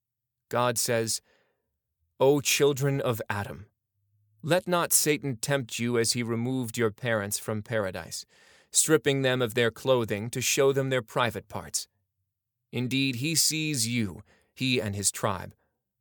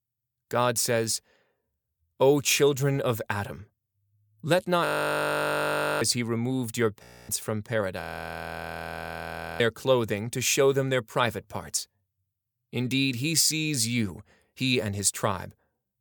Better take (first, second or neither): first